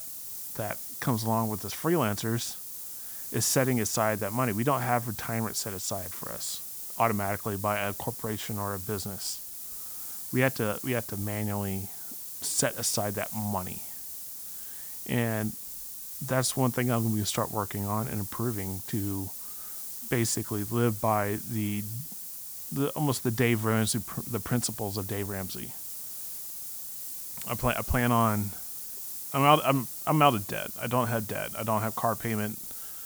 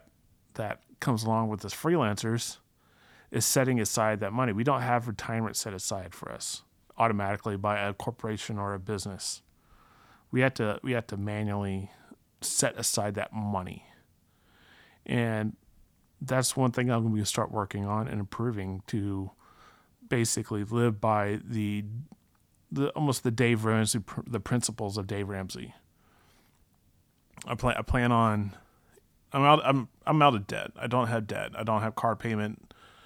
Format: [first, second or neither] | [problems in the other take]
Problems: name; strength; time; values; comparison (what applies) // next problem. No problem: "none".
second | hiss; loud; throughout; 5 dB below the speech